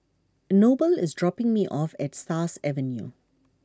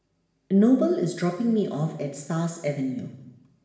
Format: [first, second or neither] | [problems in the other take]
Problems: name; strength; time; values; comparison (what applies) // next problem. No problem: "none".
first | room echo; dies away in 1 s